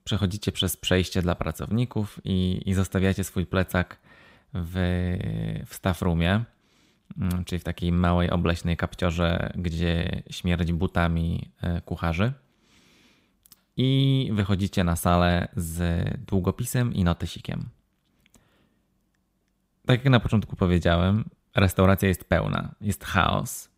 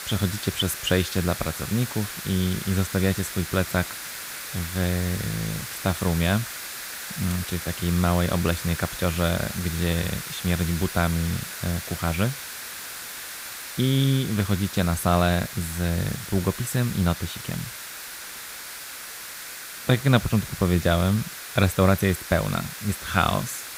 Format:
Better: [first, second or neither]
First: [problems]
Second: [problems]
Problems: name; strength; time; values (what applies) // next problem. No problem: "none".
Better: first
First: none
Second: hiss; loud; throughout; 8 dB below the speech